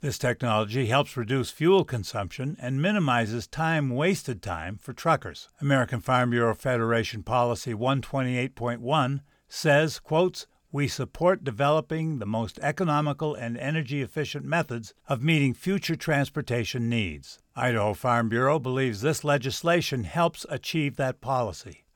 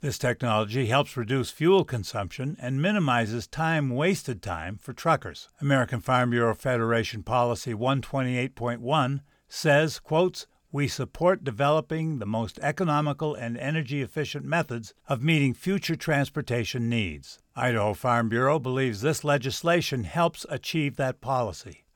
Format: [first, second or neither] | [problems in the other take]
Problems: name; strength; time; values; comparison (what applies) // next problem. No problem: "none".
neither | none